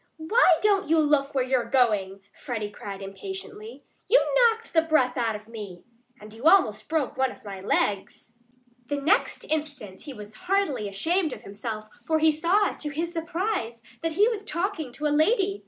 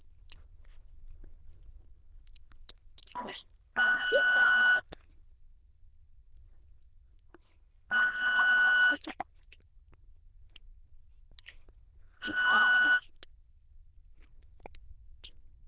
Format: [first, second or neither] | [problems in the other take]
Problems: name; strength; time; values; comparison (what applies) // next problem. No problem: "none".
first | noise reduction (neural diffusion model UNIVERSE++)